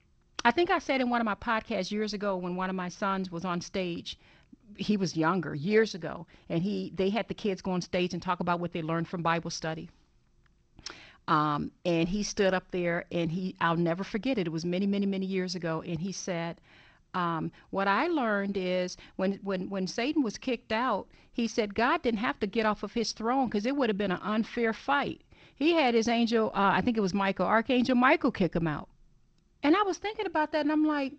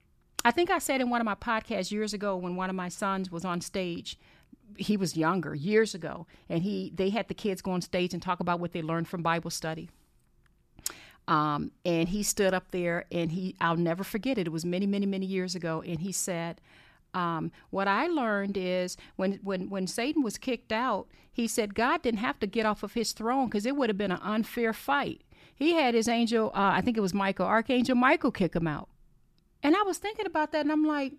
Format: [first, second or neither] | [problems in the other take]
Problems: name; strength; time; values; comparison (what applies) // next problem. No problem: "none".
second | garbled, watery; slightly